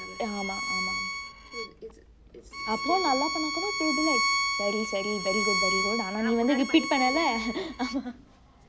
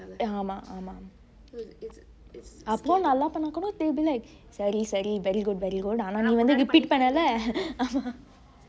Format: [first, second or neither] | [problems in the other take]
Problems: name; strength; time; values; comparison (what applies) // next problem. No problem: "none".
second | background sound (Bowed string instrument); 2 dB below the speech